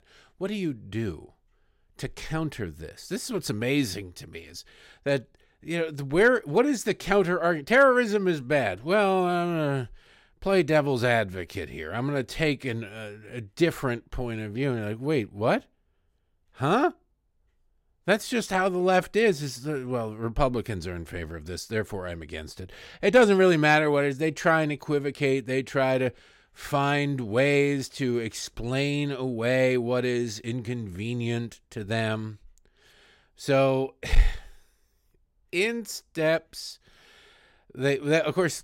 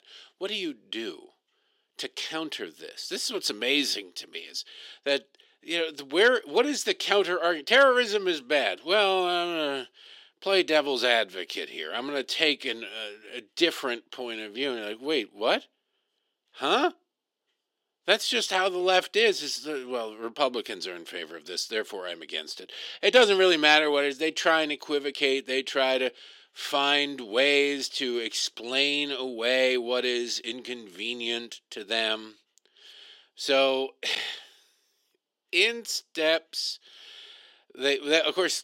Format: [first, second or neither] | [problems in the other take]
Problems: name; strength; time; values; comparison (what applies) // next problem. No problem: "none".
first | thin; somewhat; fading below 300 Hz